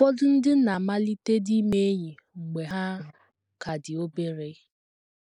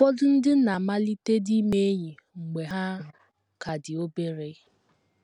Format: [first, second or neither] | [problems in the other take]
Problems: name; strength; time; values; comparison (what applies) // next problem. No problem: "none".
second | noise reduction (neural mask model Resemble Enhance denoiser)